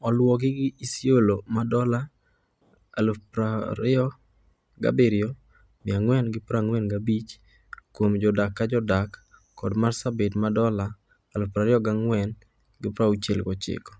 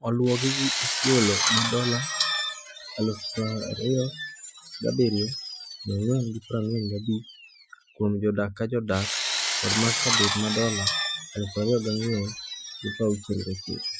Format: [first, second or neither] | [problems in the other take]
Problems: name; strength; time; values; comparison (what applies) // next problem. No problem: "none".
first | noise reduction (classical method Wiener filter)